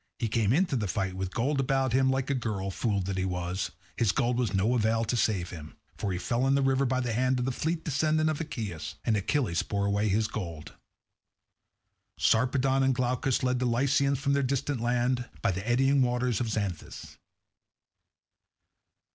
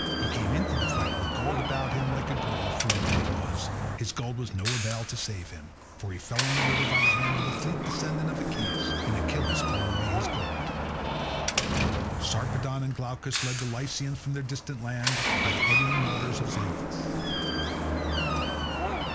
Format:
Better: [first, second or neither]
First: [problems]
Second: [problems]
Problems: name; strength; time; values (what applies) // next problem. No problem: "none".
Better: first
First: none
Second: background sound (Door); 3 dB above the speech